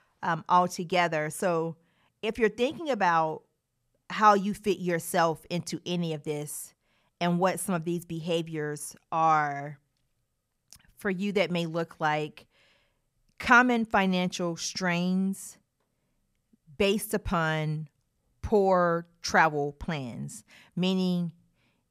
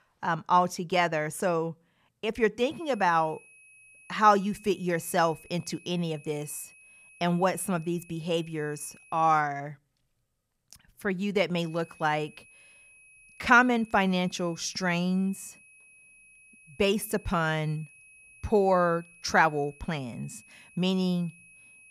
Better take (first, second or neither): first